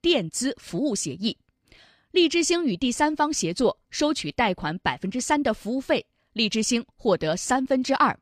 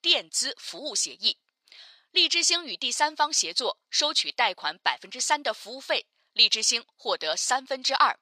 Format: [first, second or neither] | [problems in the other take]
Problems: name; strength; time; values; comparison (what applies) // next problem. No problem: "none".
first | thin; very; fading below 850 Hz